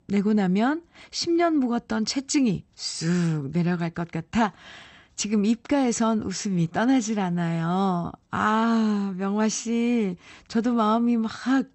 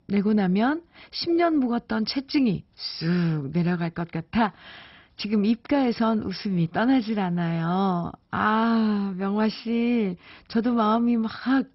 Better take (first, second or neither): first